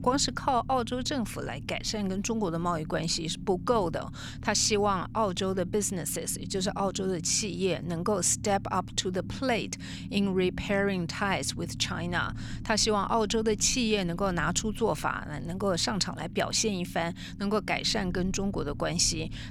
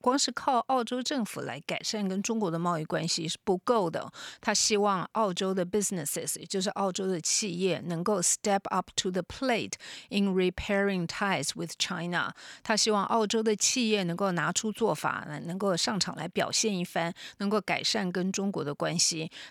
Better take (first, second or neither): second